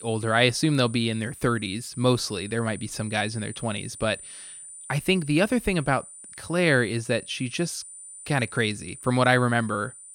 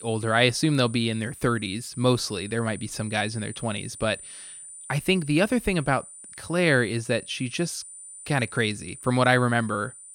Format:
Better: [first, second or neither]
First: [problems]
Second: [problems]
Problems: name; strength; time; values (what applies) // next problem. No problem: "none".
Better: neither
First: high-pitched whine; noticeable; throughout; 9 kHz, 15 dB below the speech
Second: high-pitched whine; noticeable; throughout; 9 kHz, 15 dB below the speech